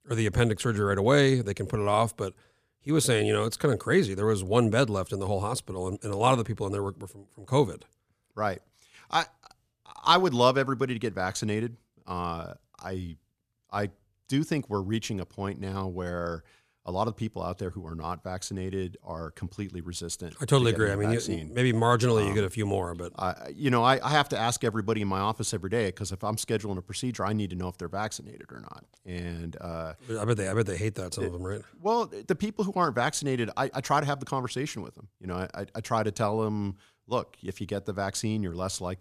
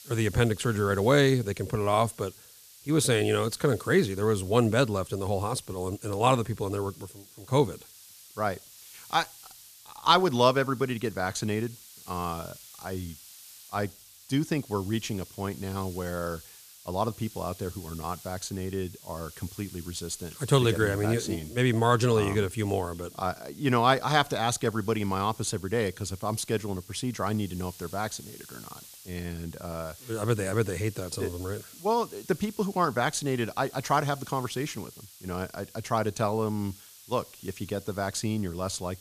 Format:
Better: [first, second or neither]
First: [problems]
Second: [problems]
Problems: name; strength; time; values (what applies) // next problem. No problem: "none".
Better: first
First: none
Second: hiss; noticeable; throughout; 20 dB below the speech